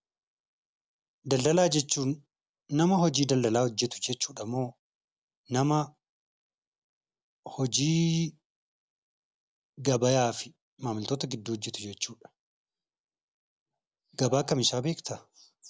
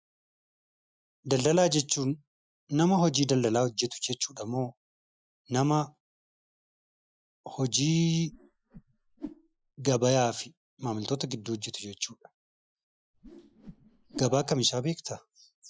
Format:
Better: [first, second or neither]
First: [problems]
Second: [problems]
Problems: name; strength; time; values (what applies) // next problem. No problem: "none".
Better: first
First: none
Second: noise reduction (classical method Wiener filter)